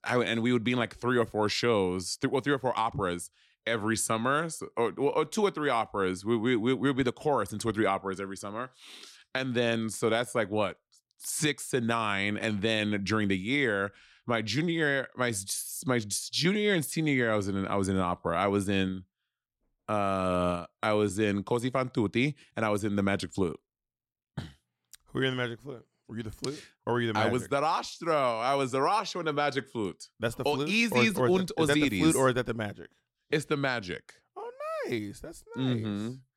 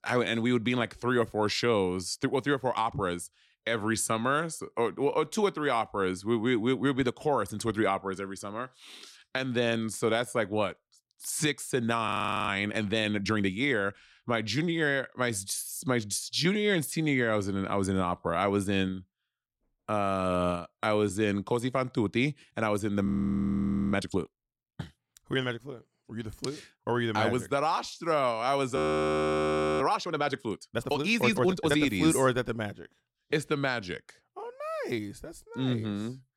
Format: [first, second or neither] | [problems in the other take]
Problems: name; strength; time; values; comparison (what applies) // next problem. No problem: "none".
first | audio freezing; at 12 s, at 23 s for 1 s and at 29 s for 1 s